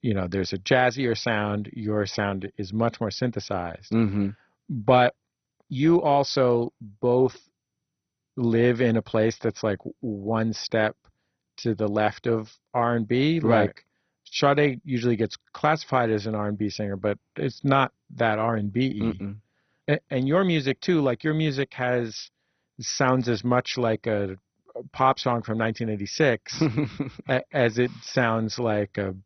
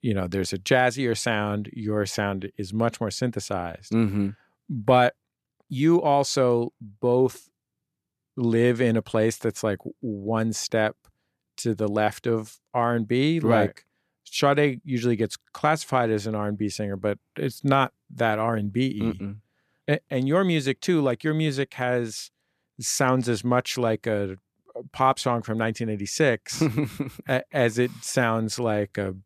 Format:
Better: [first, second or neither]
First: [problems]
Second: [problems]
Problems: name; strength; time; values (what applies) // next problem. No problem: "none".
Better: second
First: garbled, watery; badly; nothing above 6 kHz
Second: none